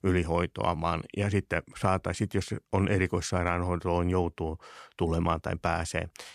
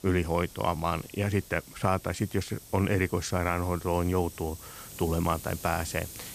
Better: first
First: none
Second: hiss; noticeable; throughout; 15 dB below the speech

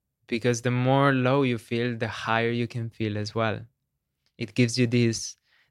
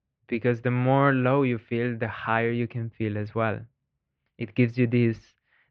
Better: first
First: none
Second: muffled; very; fading above 2.5 kHz

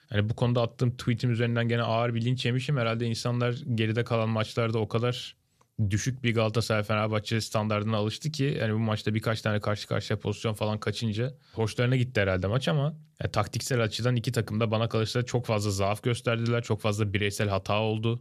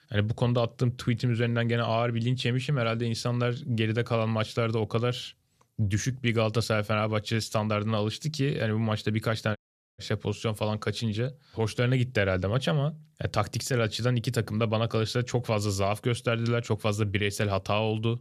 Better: first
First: none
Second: audio cutting out; at 9.5 s

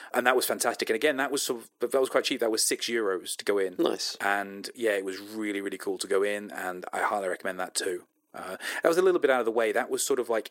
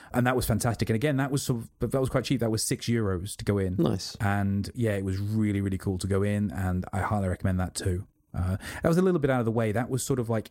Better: second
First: thin; very; fading below 350 Hz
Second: none

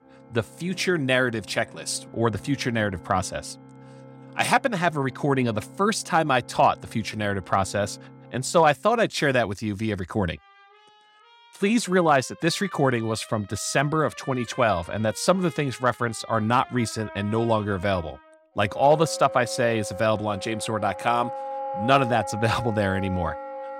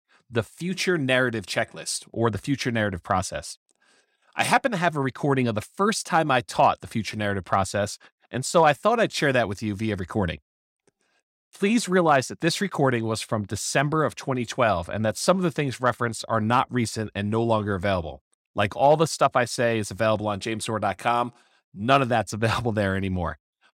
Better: second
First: background music; noticeable; throughout; 15 dB below the speech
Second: none

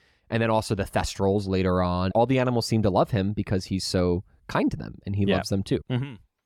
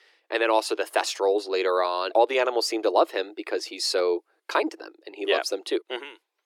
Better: first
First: none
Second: thin; very; fading below 300 Hz

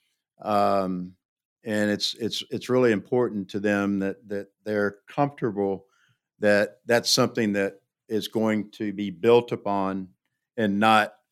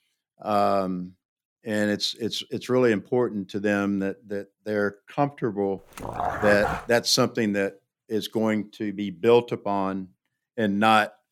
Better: first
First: none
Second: dog barking; noticeable; at 6 s; peak 2 dB below the speech

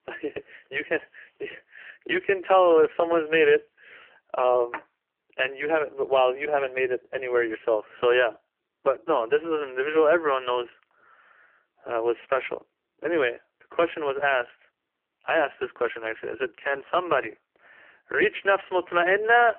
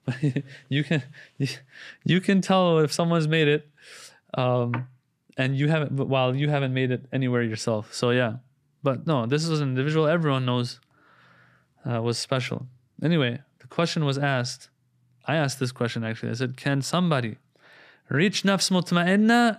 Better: second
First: phone-call audio; poor line; nothing above 3 kHz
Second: none

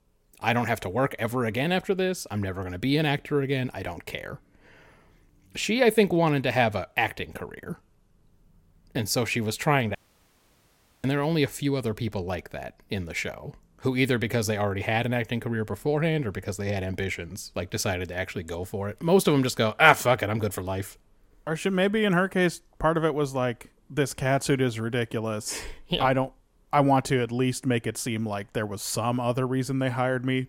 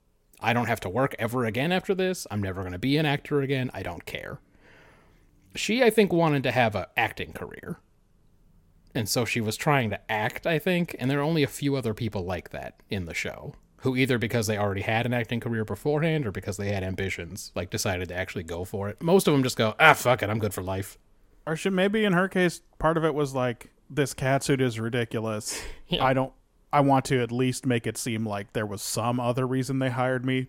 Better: second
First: audio cutting out; at 10 s for 1 s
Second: none

